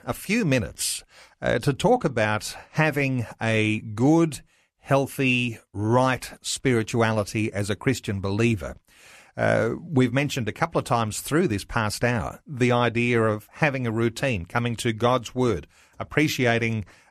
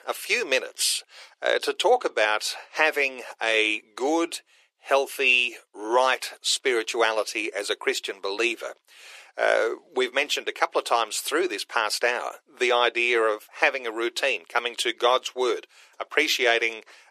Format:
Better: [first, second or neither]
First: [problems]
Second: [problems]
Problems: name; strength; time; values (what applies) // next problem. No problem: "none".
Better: first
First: none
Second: thin; very; fading below 350 Hz